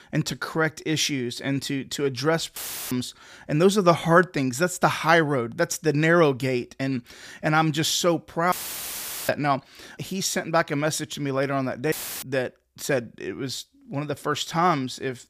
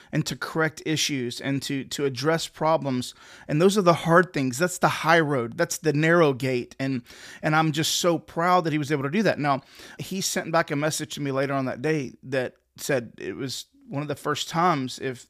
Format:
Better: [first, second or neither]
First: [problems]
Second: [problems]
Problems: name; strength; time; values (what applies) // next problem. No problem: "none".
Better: second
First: audio cutting out; filled with static; at 2.5 s, at 8.5 s for 1 s and at 12 s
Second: none